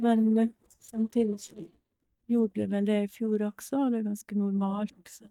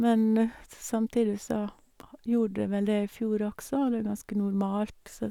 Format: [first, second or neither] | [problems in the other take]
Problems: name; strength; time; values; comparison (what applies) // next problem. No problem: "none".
second | noise reduction (neural mask model DeepFilterNet 3)